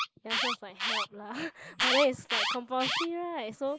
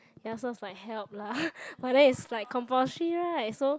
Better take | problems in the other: second | noise reduction (neural mask model Resemble Enhance denoiser)

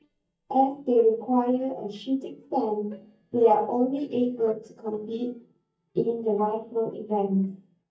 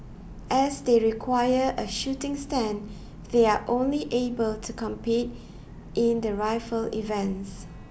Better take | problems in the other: second | noise reduction (neural mask model DeepFilterNet 3)

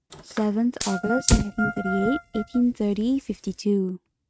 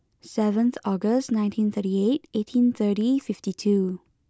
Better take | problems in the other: second | noise reduction (neural mask model RNNoise)

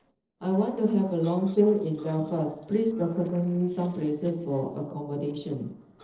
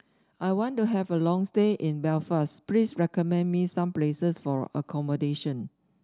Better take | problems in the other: second | noise reduction (neural separator model SepFormer DNS4)

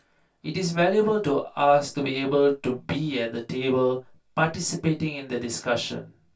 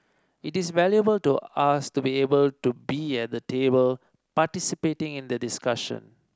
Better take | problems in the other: second | room echo; dies away in 0.2 s

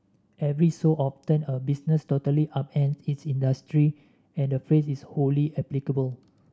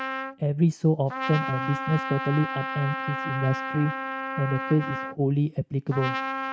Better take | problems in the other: first | noise reduction (neural mask model RNNoise)

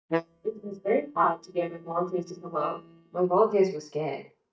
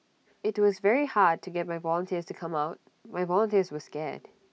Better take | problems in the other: second | noise reduction (neural mask model DeepFilterNet 3)

